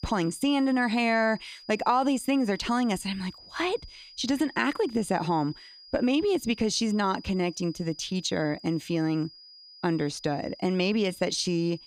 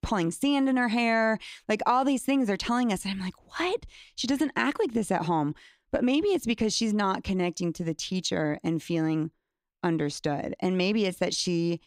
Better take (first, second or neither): second